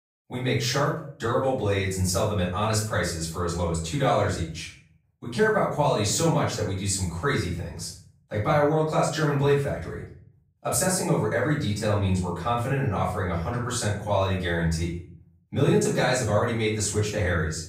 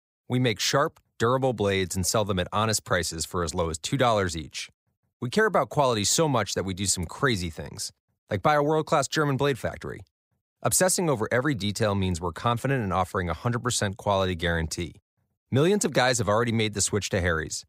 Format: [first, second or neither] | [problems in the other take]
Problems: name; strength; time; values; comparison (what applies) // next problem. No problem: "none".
second | off-mic speech; far // room echo; noticeable; dies away in 0.5 s